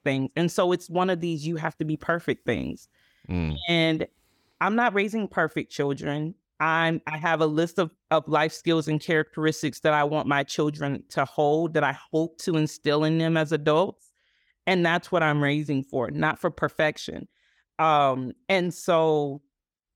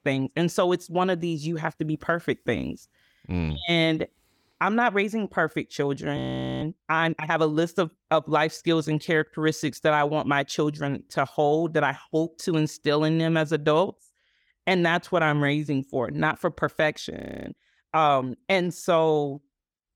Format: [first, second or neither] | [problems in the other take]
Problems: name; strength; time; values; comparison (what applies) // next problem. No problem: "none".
first | audio freezing; at 6 s and at 17 s